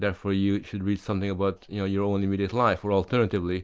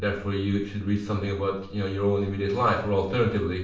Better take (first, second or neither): first